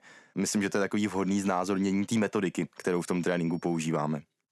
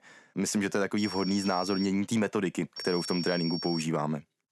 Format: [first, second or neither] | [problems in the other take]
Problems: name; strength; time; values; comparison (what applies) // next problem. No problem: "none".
first | high-pitched whine; loud; at 1 s and from 3 to 4 s; 5.5 kHz, 7 dB below the speech; faint in the first